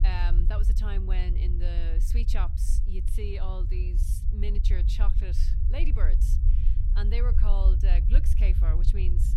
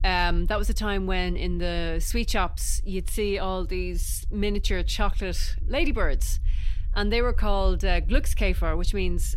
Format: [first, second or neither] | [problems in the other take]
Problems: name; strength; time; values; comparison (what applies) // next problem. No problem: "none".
second | low rumble; loud; throughout; 6 dB below the speech; faint in the second